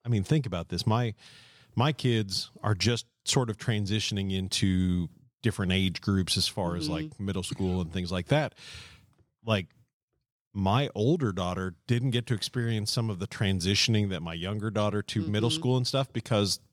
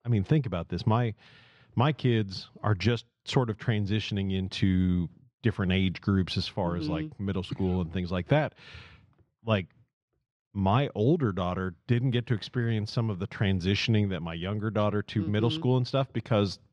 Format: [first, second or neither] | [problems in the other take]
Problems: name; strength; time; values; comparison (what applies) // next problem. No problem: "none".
first | muffled; slightly; fading above 2.5 kHz